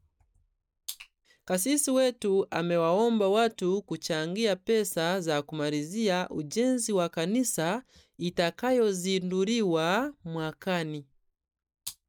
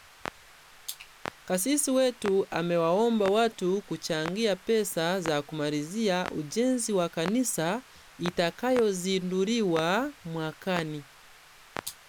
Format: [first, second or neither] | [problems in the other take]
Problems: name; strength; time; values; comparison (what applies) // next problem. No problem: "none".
first | background sound (Clock); 16 dB below the speech